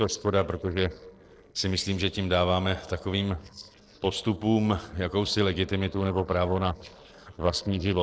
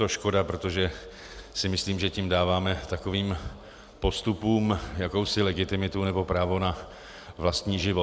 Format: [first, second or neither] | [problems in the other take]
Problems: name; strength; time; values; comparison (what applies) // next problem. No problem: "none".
second | noise reduction (neural separator model SepFormer DNS4)